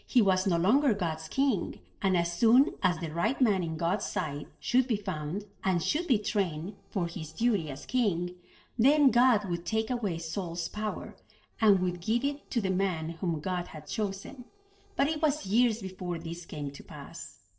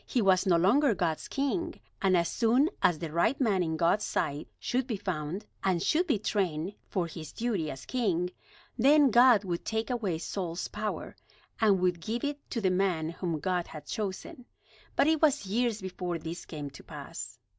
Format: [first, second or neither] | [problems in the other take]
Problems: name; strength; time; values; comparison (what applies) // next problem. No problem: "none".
second | noise reduction (neural separator model SepFormer DNS4)